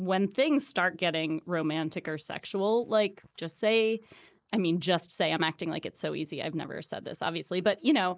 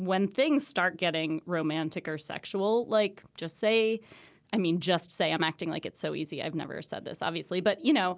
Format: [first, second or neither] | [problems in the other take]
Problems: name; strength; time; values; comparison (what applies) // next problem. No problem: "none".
second | noise reduction (neural mask model Resemble Enhance denoiser)